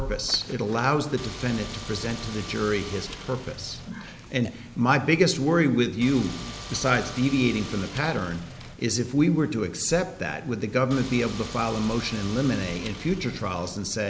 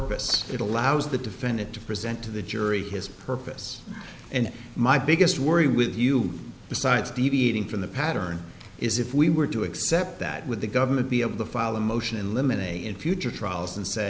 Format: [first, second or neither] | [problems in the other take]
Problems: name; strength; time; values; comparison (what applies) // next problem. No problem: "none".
second | background sound (Car); 13 dB below the speech